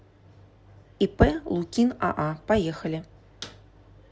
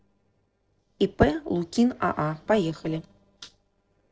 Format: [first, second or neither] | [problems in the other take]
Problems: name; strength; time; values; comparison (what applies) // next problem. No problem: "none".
first | noise reduction (neural separator model SepFormer DNS4)